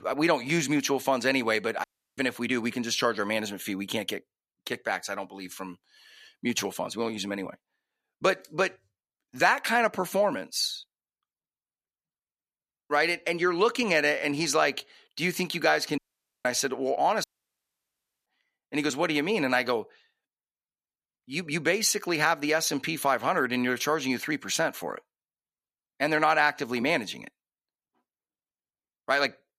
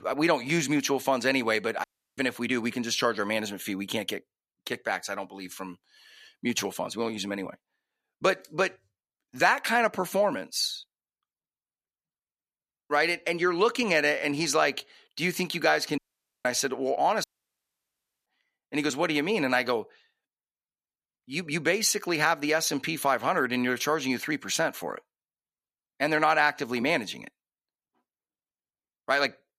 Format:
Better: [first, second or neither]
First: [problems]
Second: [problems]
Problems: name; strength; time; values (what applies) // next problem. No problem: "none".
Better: neither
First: audio cutting out; at 2 s, at 16 s and at 17 s for 1 s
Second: audio cutting out; at 2 s, at 16 s and at 17 s for 1 s